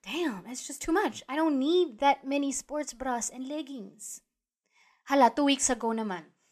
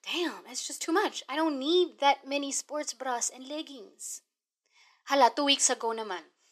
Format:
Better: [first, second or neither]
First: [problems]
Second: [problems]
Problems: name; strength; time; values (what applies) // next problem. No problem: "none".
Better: first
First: none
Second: thin; very slightly; fading below 350 Hz